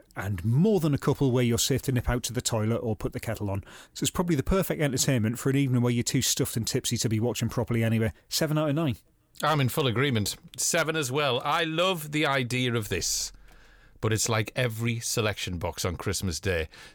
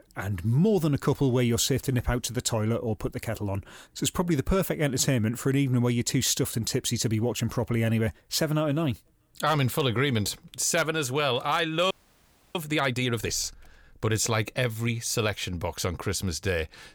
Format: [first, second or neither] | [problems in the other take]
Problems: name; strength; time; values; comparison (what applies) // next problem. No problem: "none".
first | audio freezing; at 12 s for 0.5 s